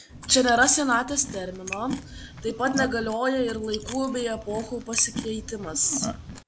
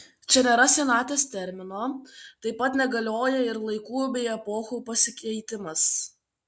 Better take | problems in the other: second | background sound (Chewing, mastication); 10 dB below the speech

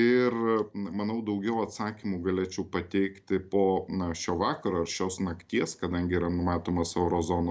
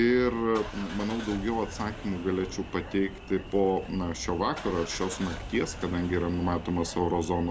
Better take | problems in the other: first | background sound (Engine starting / Car); 12 dB below the speech

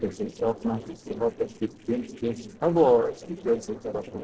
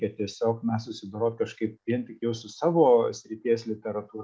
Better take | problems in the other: second | noise reduction (neural separator model SepFormer DNS4)

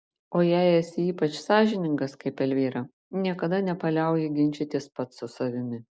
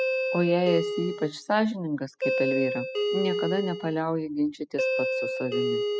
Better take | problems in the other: first | noise reduction (classical method spectral subtraction)

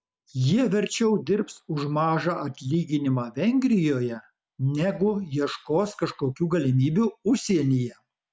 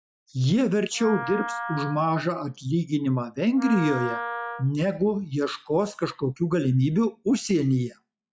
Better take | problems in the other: first | noise reduction (classical method log-MMSE)

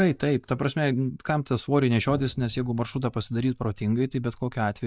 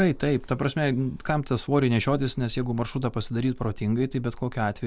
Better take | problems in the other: second | noise reduction (neural mask model DeepFilterNet 3)

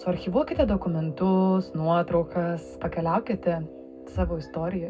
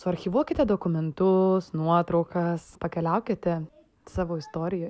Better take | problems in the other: second | background sound (Brass instrument); 16 dB below the speech // room echo; dies away in 0.3 s

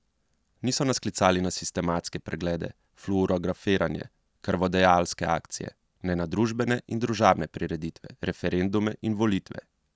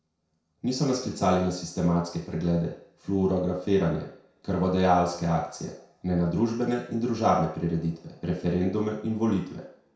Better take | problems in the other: first | room echo; dies away in 0.5 s

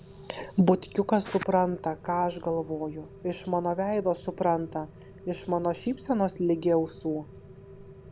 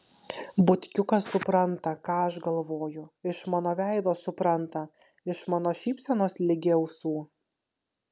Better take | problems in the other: second | background sound (Rain); 18 dB below the speech

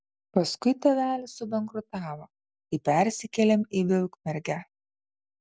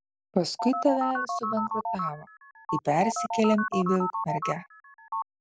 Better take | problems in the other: first | background sound (Telephone); 3 dB below the speech

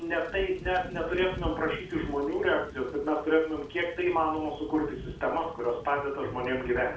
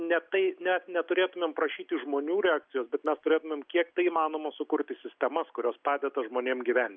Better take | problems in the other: second | background sound (Thunder / Rain); 13 dB below the speech // room echo; dies away in 0.3 s

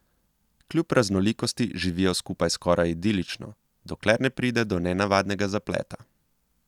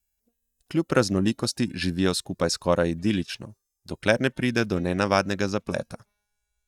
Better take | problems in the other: first | noise reduction (neural mask model DeepFilterNet 3)

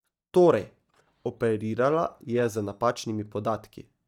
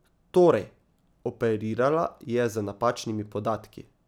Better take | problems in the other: second | noise reduction (neural mask model DeepFilterNet 3)

